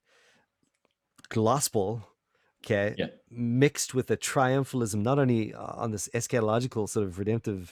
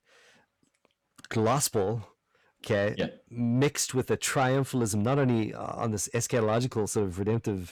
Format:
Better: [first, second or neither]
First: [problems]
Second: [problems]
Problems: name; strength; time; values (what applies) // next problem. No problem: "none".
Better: first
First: none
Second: distortion; slight; 10 dB below the speech